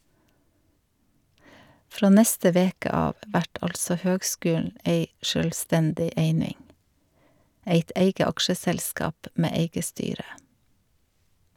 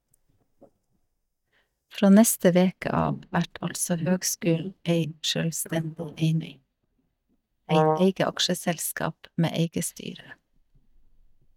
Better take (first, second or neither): first